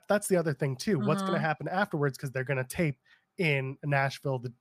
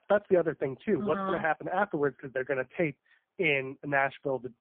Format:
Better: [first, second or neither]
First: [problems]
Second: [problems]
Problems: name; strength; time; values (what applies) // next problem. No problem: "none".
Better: first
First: none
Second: phone-call audio; poor line